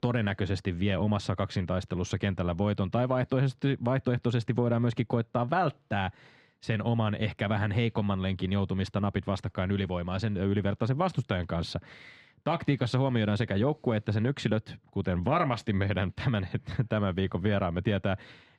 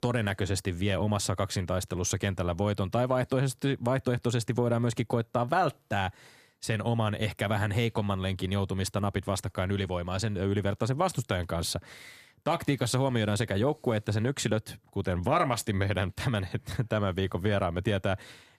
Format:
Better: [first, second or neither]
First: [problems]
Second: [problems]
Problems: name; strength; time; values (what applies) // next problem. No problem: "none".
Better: second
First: muffled; very slightly; fading above 3 kHz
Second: none